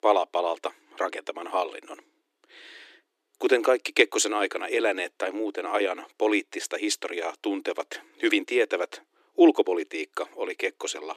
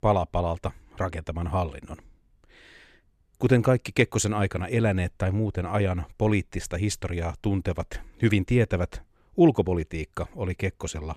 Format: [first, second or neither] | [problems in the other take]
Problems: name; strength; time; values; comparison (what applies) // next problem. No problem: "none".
second | thin; very; fading below 300 Hz